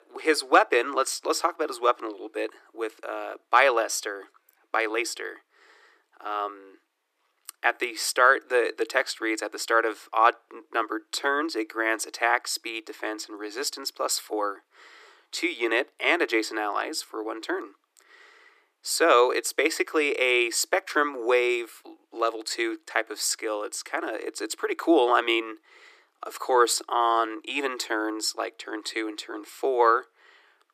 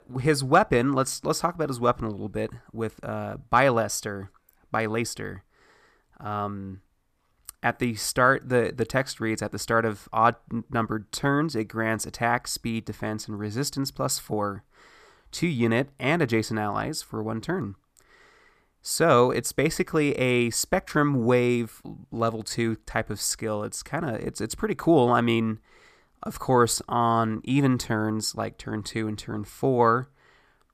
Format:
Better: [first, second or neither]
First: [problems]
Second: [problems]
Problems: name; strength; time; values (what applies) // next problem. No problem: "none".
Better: second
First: thin; very; fading below 300 Hz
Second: none